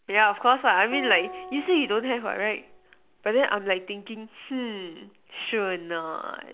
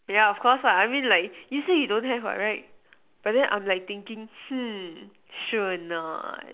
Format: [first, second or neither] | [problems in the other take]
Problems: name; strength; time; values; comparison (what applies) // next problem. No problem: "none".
second | background sound (Acoustic guitar); 15 dB below the speech